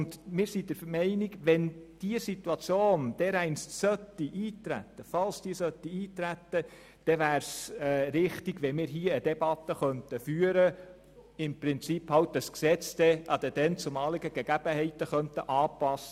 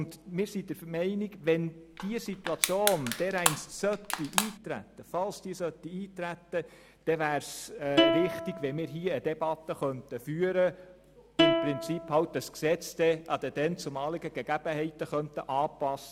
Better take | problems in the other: first | background sound (Plucked string instrument + Crushing); 1 dB below the speech

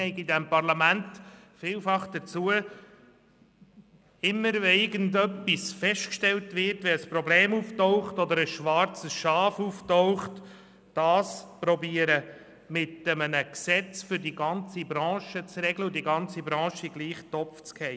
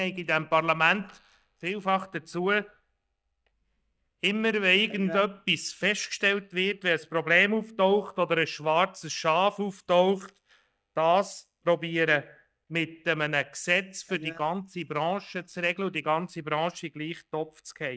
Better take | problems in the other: first | noise reduction (neural mask model DeepFilterNet 3)

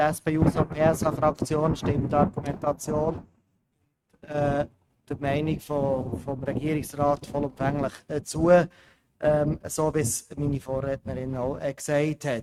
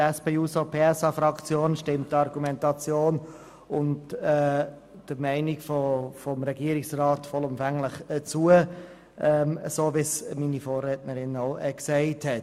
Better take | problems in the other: second | noise reduction (neural mask model RNNoise)

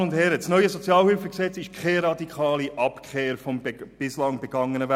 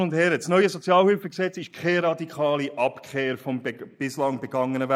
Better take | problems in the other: first | noise reduction (neural mask model Resemble Enhance denoiser)

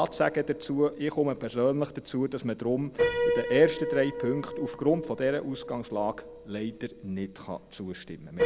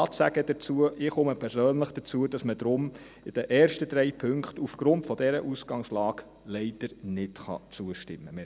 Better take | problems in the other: second | background sound (Piano); 5 dB below the speech

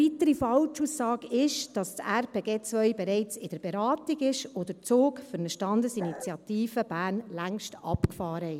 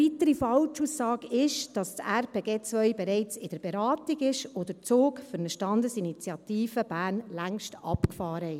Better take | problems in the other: second | background sound (Bark); 13 dB below the speech

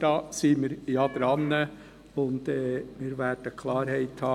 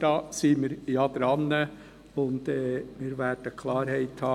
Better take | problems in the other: second | background sound (Telephone); 18 dB below the speech

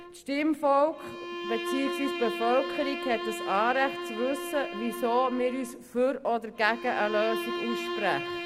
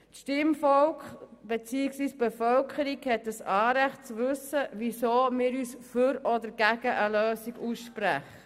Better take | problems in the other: second | background sound (Bowed string instrument); 7 dB below the speech

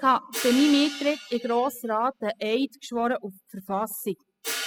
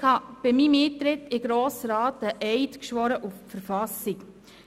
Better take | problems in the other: second | noise reduction (classical method spectral subtraction)

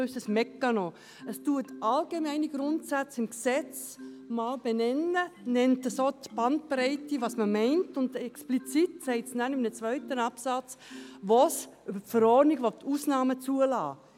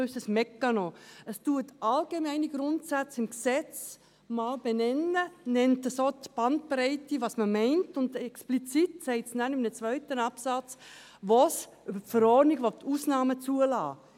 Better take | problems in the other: second | background sound (Marimba, xylophone); 19 dB below the speech

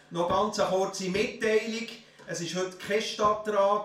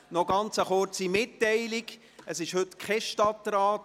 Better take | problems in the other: second | room echo; dies away in 0.4 s

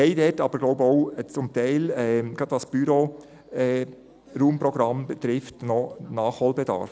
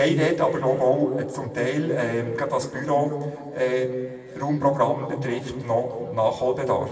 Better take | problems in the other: first | room echo; dies away in 1.8 s

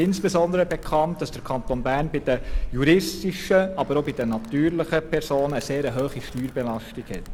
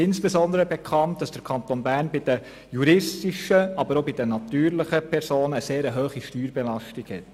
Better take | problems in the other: second | background sound (Animal); 11 dB below the speech

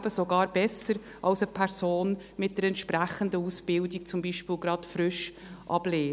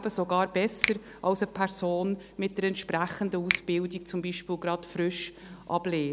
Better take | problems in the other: first | background sound (Finger snapping); 9 dB below the speech

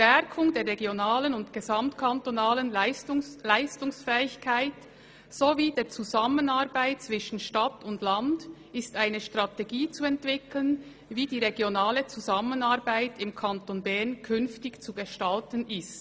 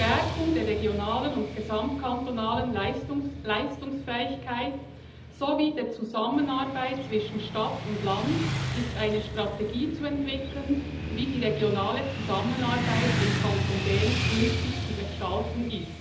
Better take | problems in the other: first | background sound (Motorcycle / Traffic noise, roadway noise); 3 dB below the speech // room echo; dies away in 0.8 s

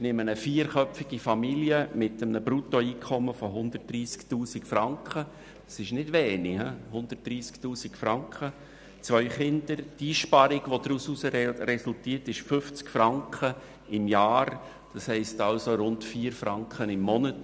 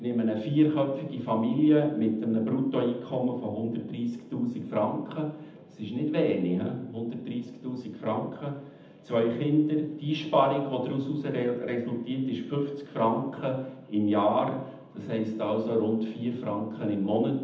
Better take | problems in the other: first | room echo; dies away in 0.8 s

